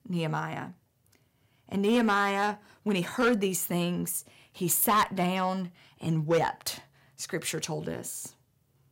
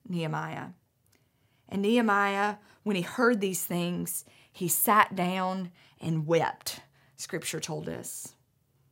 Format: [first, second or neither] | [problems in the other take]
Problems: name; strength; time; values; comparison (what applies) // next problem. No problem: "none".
second | distortion; slight; 2% of the sound clipped